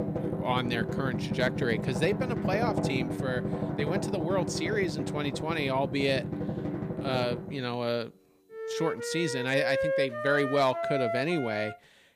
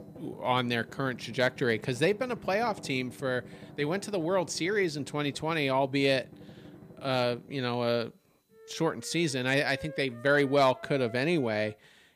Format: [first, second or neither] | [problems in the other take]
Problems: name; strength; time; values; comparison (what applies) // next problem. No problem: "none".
second | background music; loud; throughout; 2 dB below the speech; faint in the second